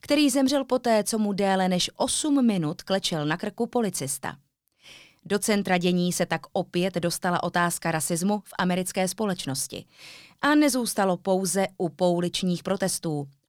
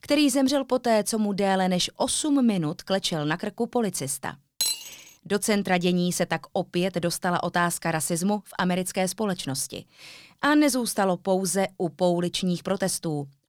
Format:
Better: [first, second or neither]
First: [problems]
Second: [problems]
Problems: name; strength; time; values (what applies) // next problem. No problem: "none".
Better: first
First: none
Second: clattering dishes; noticeable; at 4.5 s; peak level with the speech